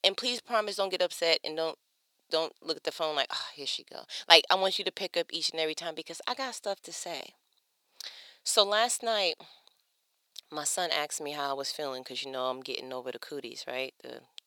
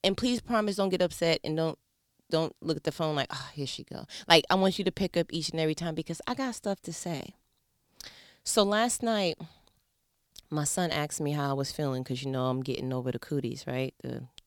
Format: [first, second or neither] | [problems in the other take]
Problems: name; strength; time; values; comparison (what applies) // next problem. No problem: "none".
second | thin; very; fading below 600 Hz